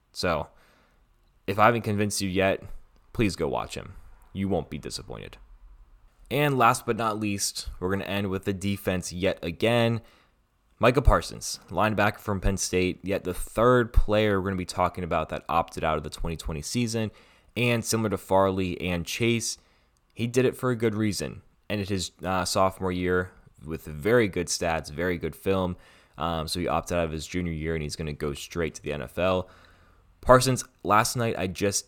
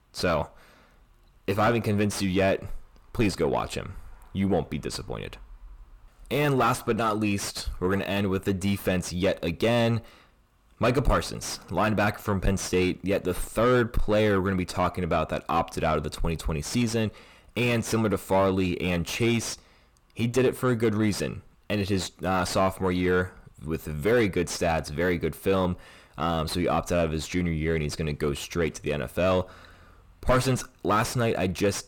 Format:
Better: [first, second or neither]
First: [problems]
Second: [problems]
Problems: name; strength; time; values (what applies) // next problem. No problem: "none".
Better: first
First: none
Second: distortion; heavy; 7 dB below the speech